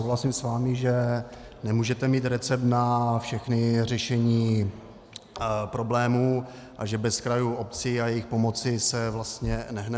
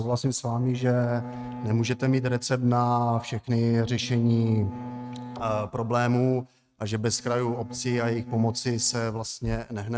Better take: first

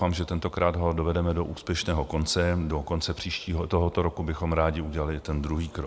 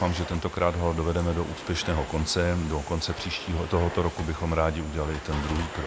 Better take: first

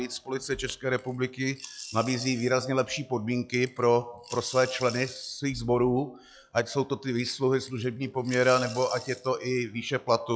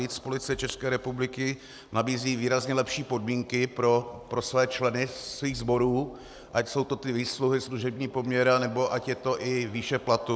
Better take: second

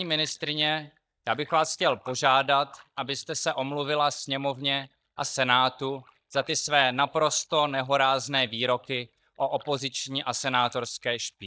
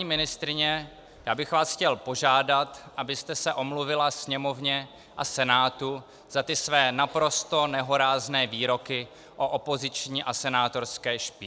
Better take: second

